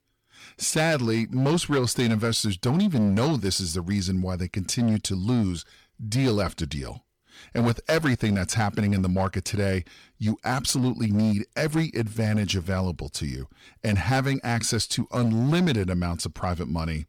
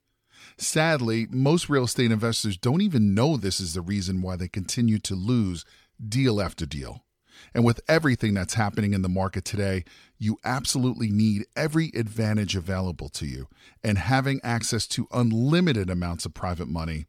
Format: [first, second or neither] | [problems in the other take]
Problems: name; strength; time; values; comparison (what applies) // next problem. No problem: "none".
second | distortion; slight; 8% of the sound clipped